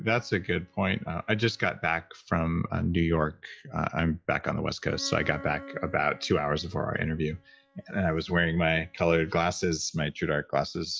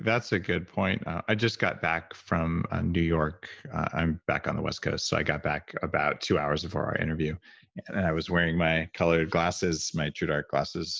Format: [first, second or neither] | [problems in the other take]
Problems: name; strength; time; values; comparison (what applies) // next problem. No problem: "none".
second | noise reduction (classical method log-MMSE)